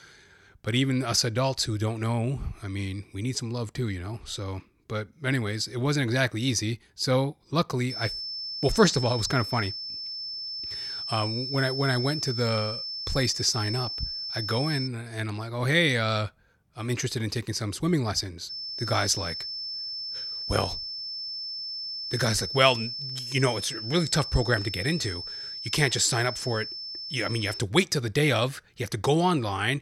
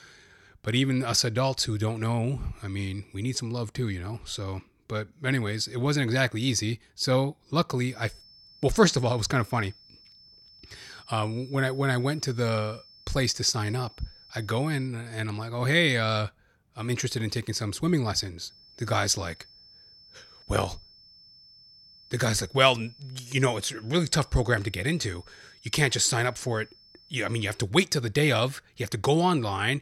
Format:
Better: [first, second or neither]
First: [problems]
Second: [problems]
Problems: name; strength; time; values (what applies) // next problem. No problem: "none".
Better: second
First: high-pitched whine; loud; from 8 to 15 s and from 19 to 28 s; 5.5 kHz, 5 dB below the speech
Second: high-pitched whine; faint; from 8 to 15 s and from 19 to 28 s; 5.5 kHz, 25 dB below the speech